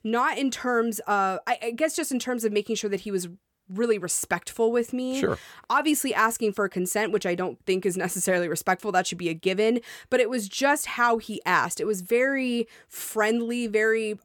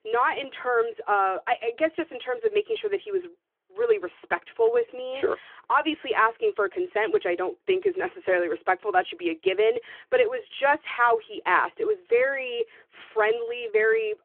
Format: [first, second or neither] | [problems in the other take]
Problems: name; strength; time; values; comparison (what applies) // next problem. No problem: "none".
first | phone-call audio